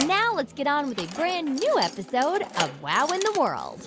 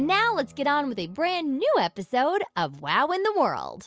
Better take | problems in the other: second | background sound (Keys jangling); 11 dB below the speech

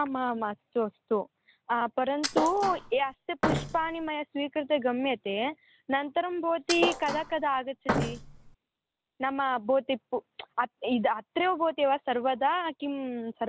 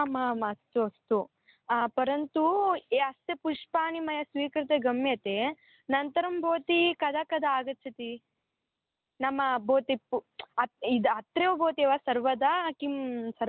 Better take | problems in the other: second | background sound (Thump, thud); 3 dB below the speech

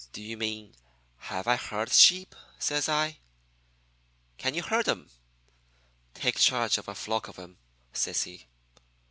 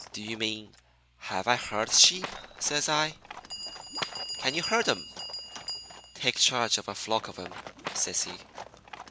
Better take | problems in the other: first | background sound (Bell + Livestock, farm animals, working animals); 11 dB below the speech

